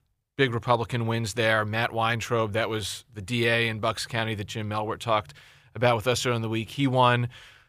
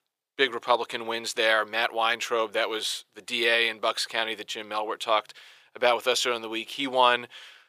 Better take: first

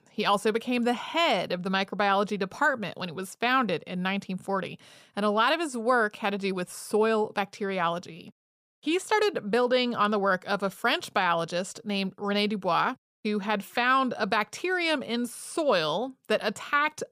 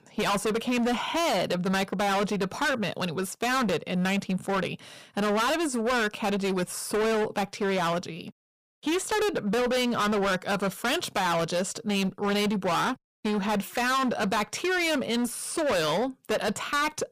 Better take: first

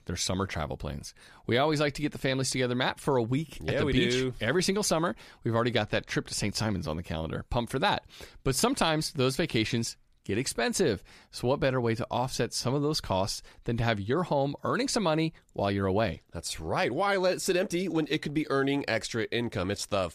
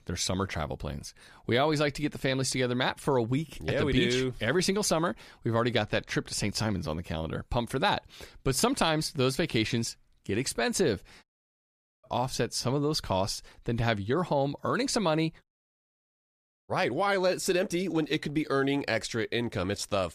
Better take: first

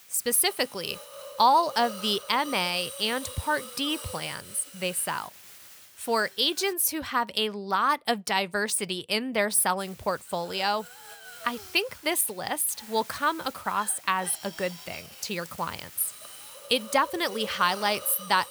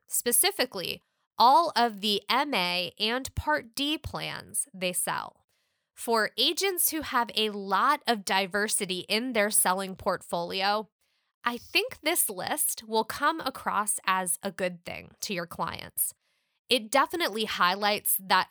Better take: second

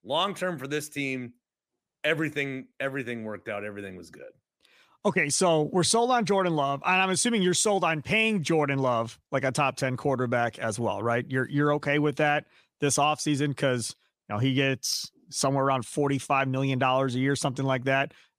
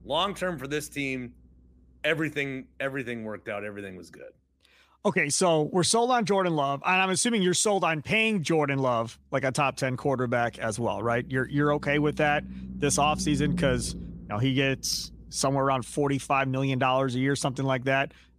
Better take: first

